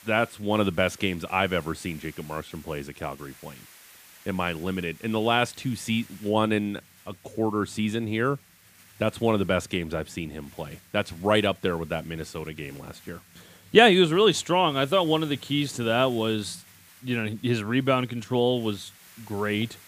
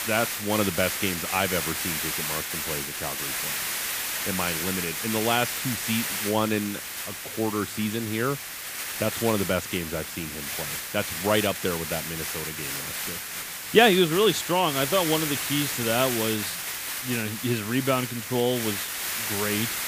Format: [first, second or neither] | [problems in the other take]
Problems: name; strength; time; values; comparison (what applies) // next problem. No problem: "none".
first | hiss; loud; throughout; 2 dB below the speech; faint in the first